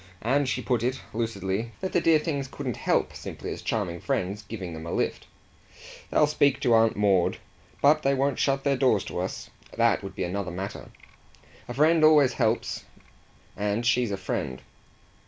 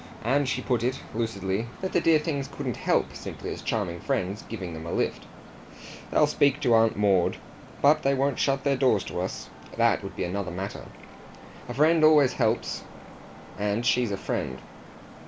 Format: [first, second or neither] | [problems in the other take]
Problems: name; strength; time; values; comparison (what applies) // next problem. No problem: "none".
first | background sound (Traffic noise, roadway noise); 18 dB below the speech